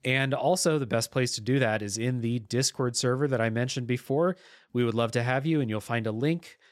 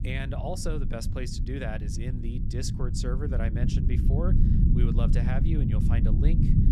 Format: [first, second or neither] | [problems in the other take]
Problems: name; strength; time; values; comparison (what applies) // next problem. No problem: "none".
first | low rumble; loud; throughout; 1 dB below the speech